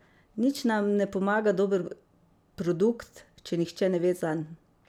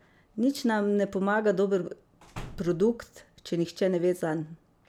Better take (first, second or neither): first